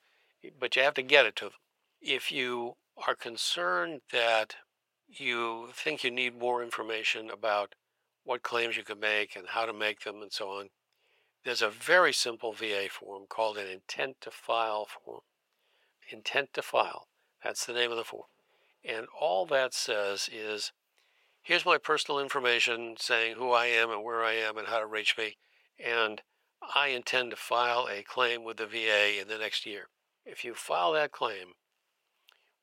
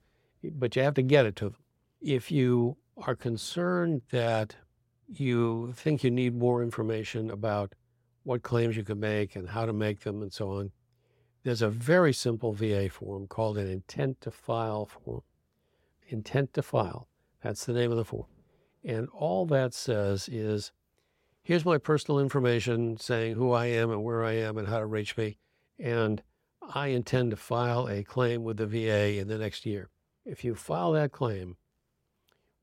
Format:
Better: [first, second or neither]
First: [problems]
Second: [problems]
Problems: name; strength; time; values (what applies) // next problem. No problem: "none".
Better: second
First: thin; very; fading below 750 Hz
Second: none